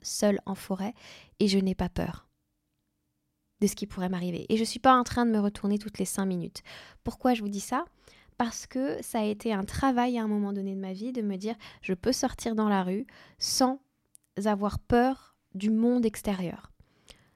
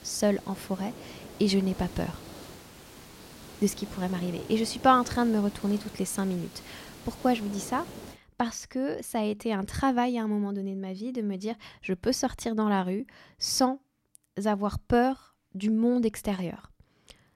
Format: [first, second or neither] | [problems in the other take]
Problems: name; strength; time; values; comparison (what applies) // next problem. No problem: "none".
first | hiss; noticeable; until 8 s; 15 dB below the speech